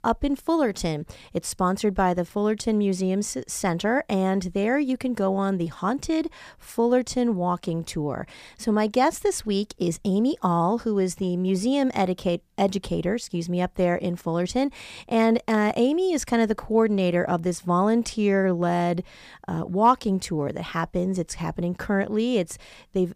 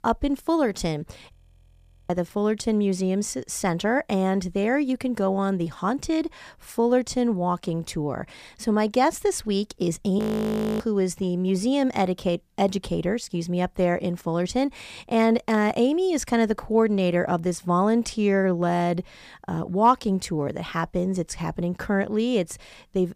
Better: first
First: none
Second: audio freezing; at 1.5 s for 1 s and at 10 s for 0.5 s

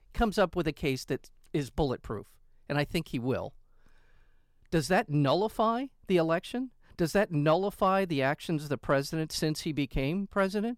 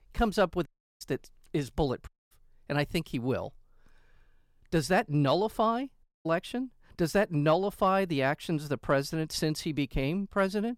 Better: first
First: none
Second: audio cutting out; at 0.5 s, at 2 s and at 6 s

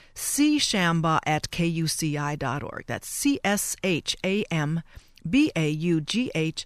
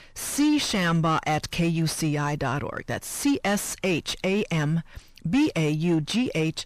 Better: first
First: none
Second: distortion; slight; 10 dB below the speech

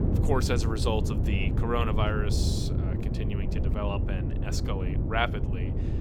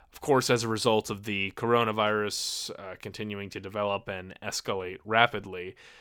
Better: second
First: wind noise on the microphone; heavy; 7 dB below the speech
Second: none

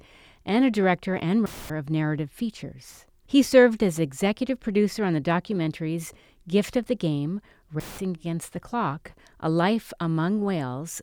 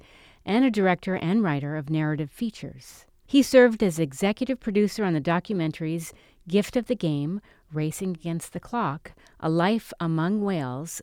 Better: second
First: audio cutting out; filled with static; at 1.5 s and at 8 s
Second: none

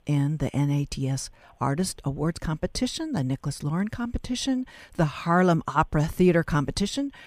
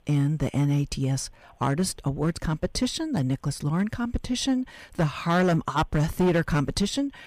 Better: first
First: none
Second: distortion; slight; 5% of the sound clipped

